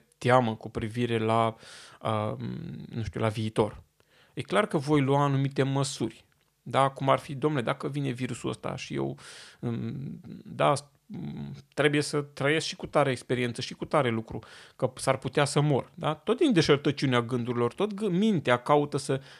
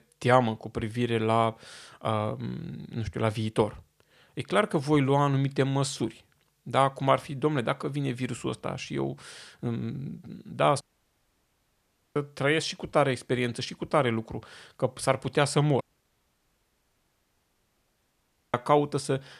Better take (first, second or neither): first